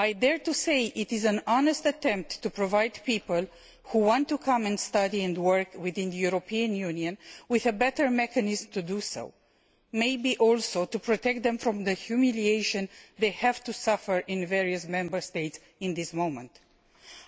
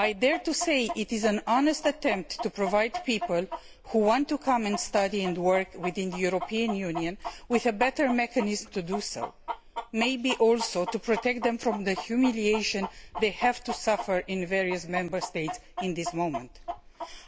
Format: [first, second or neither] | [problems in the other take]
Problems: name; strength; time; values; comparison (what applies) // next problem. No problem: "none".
first | background sound (Chicken, rooster); 11 dB below the speech